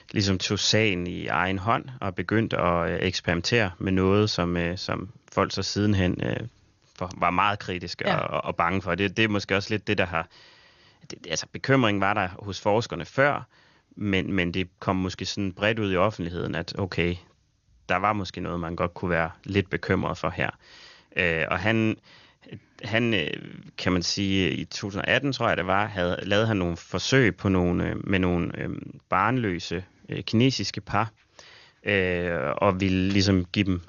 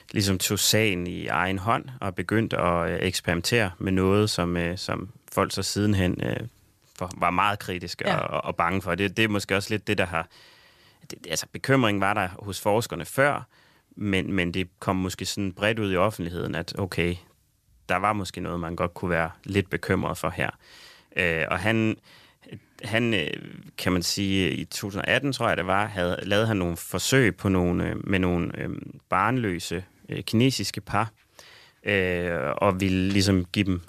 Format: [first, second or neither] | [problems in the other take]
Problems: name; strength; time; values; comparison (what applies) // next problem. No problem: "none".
second | garbled, watery; slightly; nothing above 6.5 kHz